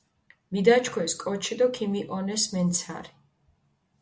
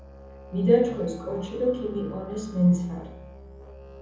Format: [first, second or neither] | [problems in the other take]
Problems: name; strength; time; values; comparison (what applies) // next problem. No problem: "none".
first | background sound (Musical instrument); 18 dB below the speech // room echo; dies away in 0.7 s